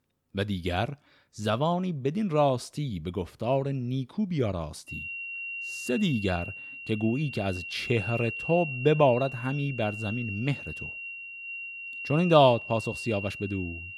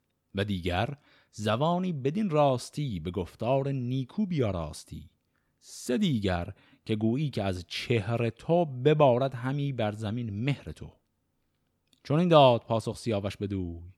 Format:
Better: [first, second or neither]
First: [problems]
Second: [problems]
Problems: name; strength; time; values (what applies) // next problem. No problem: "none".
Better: second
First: high-pitched whine; loud; from 5 s on; 2.5 kHz, 8 dB below the speech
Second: none